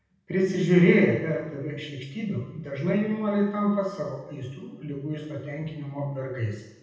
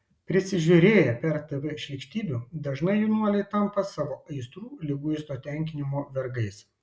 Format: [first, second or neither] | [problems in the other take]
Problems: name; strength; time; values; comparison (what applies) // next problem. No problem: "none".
second | room echo; dies away in 0.9 s